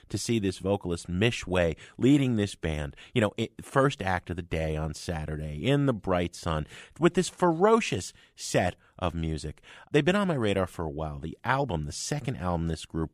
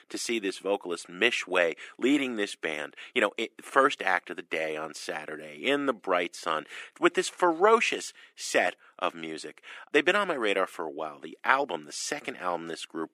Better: first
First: none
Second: thin; somewhat; fading below 300 Hz

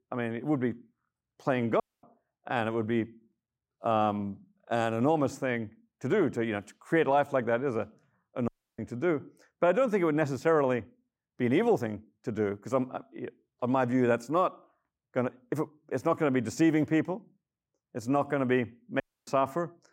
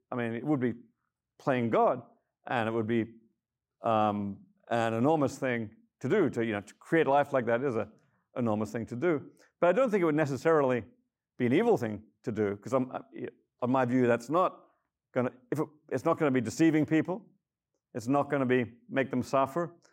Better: second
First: audio cutting out; at 2 s, at 8.5 s and at 19 s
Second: none

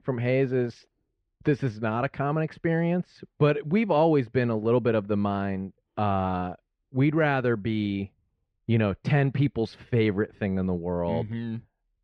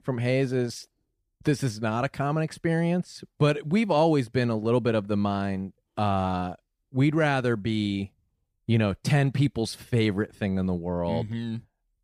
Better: second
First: muffled; slightly; fading above 2.5 kHz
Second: none

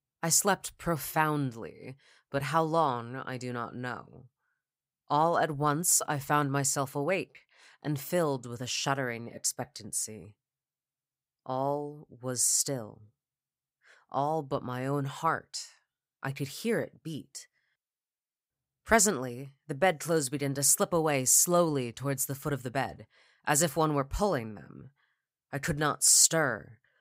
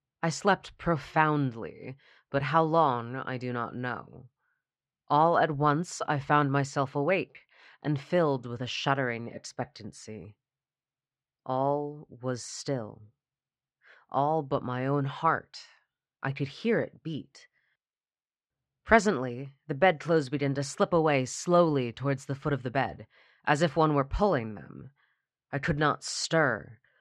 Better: first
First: none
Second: muffled; very; fading above 3.5 kHz

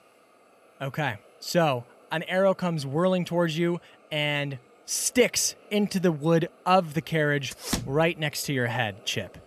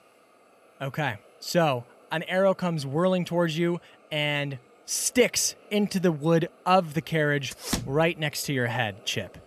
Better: neither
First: hiss; faint; throughout; 30 dB below the speech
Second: hiss; faint; throughout; 30 dB below the speech

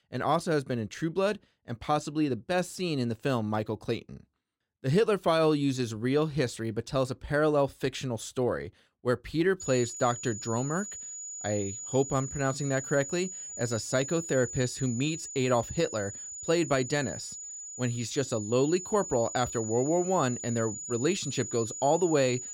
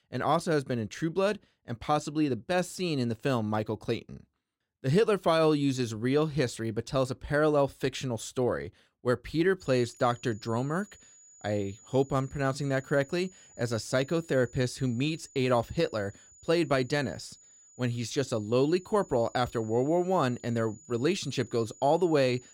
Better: second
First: high-pitched whine; loud; from 9.5 s on; 7 kHz, 8 dB below the speech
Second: high-pitched whine; faint; from 9.5 s on; 7 kHz, 25 dB below the speech

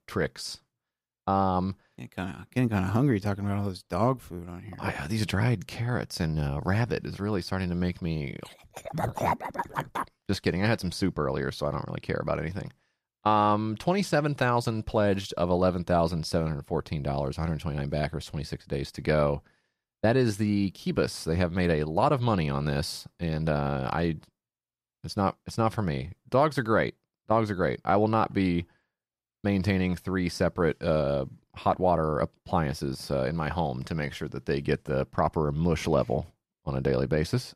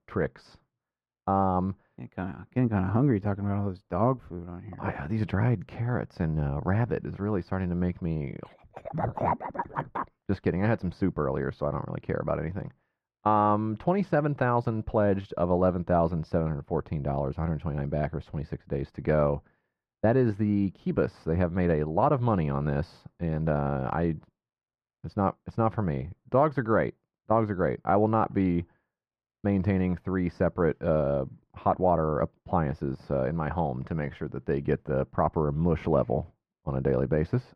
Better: first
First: none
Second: muffled; very; fading above 3.5 kHz

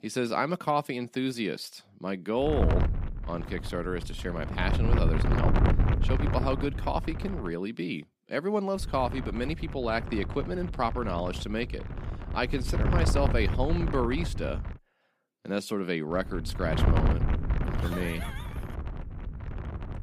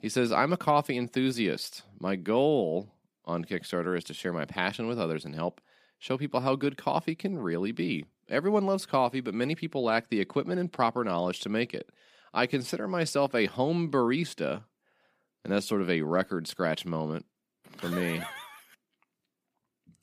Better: second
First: wind noise on the microphone; heavy; from 2.5 to 7.5 s, from 9 to 15 s and from 16 s on; 7 dB below the speech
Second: none

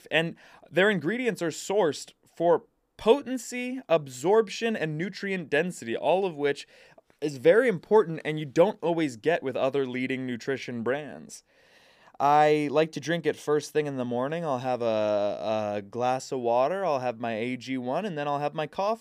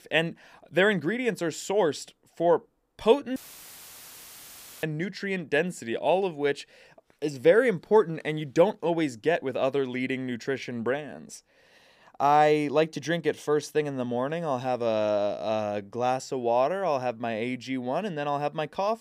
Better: first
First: none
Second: audio cutting out; filled with static; at 3.5 s for 1.5 s

